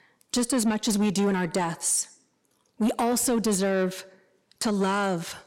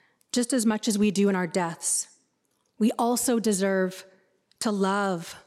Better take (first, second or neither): second